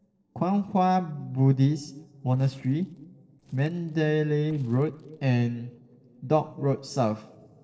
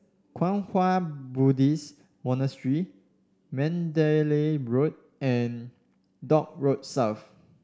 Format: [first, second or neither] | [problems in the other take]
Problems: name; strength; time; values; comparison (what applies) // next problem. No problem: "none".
second | noise reduction (neural separator model SepFormer DNS4)